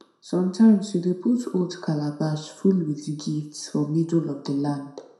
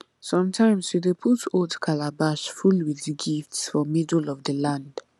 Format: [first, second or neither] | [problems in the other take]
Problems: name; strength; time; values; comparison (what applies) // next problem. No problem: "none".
second | room echo; dies away in 0.6 s